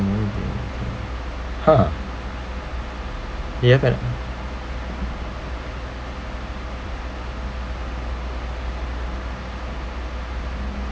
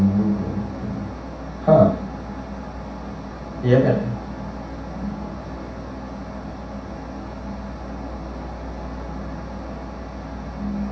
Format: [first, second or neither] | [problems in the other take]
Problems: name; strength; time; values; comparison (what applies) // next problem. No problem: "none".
first | room echo; dies away in 0.7 s